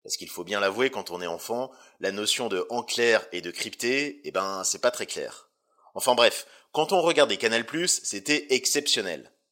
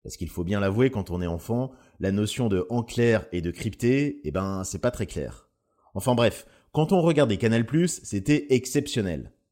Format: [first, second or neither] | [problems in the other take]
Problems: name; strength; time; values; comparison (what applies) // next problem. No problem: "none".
second | thin; somewhat; fading below 600 Hz